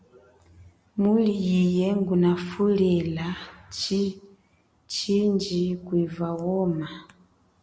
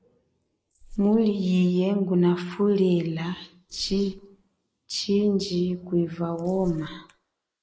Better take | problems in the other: first | noise reduction (neural mask model Resemble Enhance denoiser)

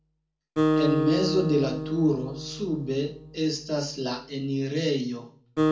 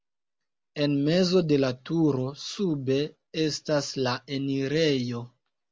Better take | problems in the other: second | background sound (Acoustic guitar); 2 dB below the speech // room echo; dies away in 0.4 s

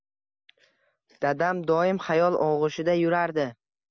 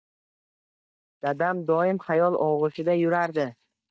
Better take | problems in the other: first | noise reduction (neural mask model DeepFilterNet 3)

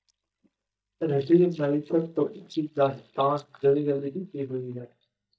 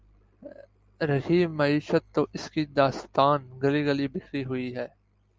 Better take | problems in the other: second | noise reduction (neural mask model DeepFilterNet 3)

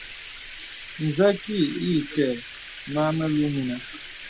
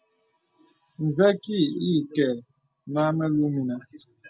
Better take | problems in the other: second | background sound (Bathtub (filling or washing)); 14 dB below the speech

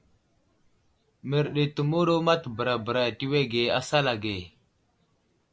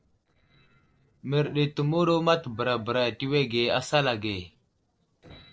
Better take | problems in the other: first | noise reduction (neural separator model SepFormer DNS4)

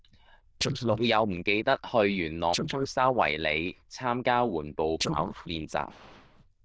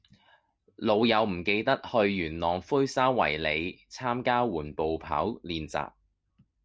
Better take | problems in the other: second | noise reduction (neural diffusion model UNIVERSE++)

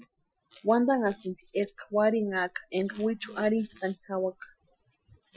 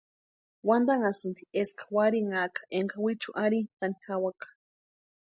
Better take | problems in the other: second | noise reduction (classical method Wiener filter)

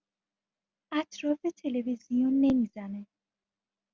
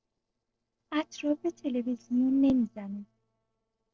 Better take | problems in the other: first | noise reduction (neural separator model SepFormer DNS4)

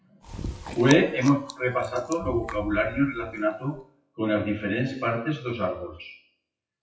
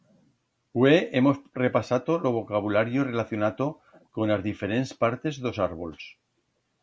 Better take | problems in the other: second | noise reduction (classical method WPE with log-MMSE)

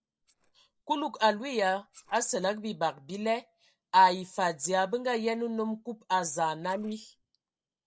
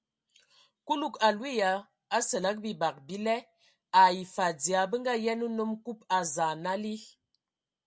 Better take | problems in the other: second | noise reduction (neural separator model SepFormer DNS4)

